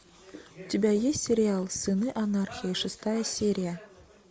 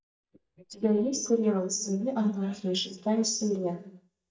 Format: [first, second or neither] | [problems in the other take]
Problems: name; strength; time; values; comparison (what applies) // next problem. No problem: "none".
first | noise reduction (neural mask model DeepFilterNet 3)